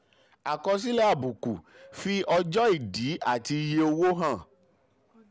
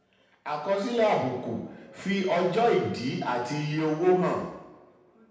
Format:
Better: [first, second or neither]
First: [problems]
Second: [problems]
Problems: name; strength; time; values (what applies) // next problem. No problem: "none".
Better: first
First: none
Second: room echo; dies away in 0.9 s